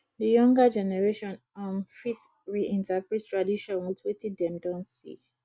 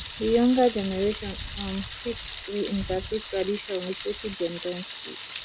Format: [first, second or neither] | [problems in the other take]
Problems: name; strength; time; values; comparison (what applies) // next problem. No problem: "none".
first | background sound (Thunder); 10 dB below the speech